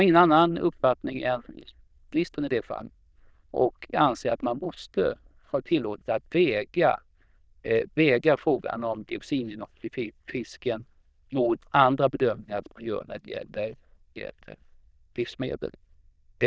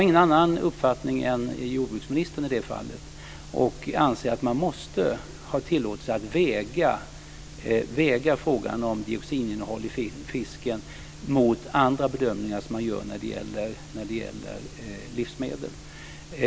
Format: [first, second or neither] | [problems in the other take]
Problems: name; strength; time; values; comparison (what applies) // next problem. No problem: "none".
second | noise reduction (neural diffusion model UNIVERSE++)